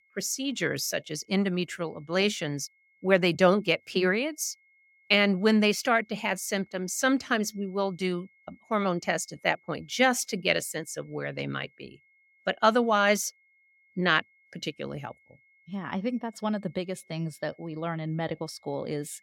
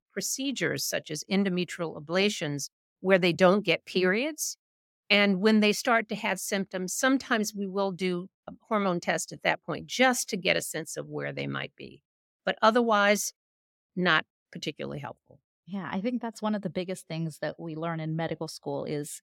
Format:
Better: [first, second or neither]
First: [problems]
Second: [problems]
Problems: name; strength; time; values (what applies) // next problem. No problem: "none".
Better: second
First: high-pitched whine; faint; throughout; 2 kHz, 35 dB below the speech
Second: none